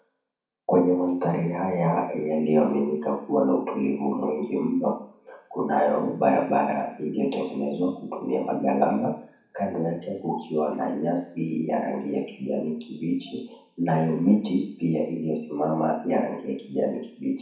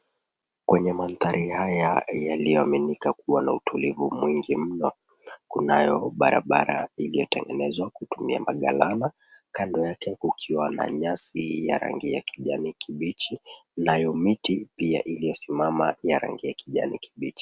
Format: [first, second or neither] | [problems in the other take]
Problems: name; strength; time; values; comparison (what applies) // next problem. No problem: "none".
second | room echo; dies away in 0.6 s